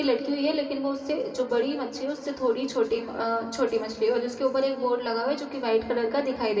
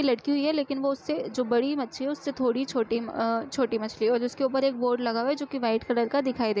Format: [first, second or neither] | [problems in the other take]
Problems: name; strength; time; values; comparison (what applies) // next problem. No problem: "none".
second | background sound (Chink, clink); 20 dB below the speech // room echo; dies away in 1.8 s